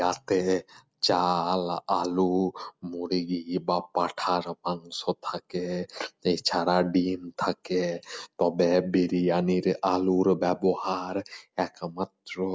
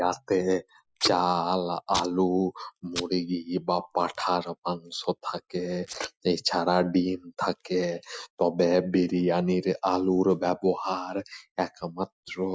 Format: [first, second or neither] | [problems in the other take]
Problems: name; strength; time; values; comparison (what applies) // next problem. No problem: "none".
first | noise reduction (classical method Wiener filter)